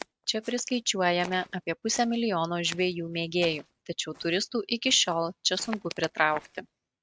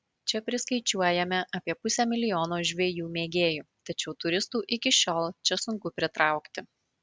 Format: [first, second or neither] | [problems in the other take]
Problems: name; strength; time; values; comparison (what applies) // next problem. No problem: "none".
second | noise reduction (neural mask model RNNoise)